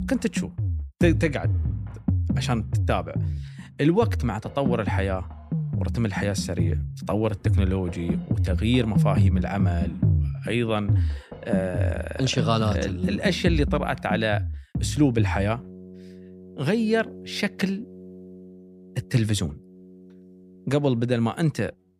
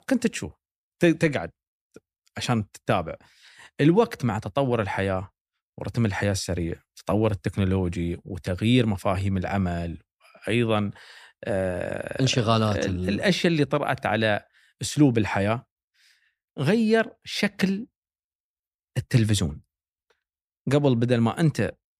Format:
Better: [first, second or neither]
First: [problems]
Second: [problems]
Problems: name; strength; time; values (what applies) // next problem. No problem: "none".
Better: second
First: background music; loud; throughout; 2 dB below the speech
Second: none